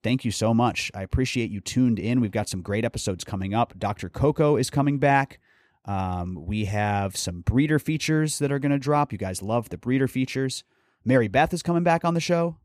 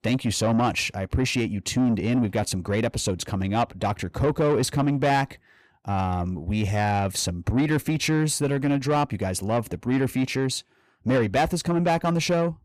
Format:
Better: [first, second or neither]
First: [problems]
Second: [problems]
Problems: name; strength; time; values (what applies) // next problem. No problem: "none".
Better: first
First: none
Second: distortion; slight; 10 dB below the speech